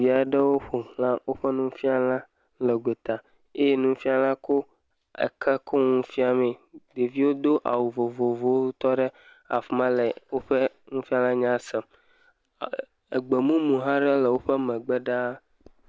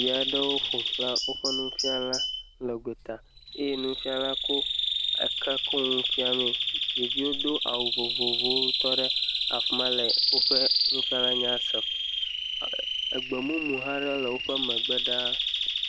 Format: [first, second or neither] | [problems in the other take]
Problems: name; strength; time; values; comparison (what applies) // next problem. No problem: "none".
first | background sound (Bird vocalization, bird call, bird song); 5 dB above the speech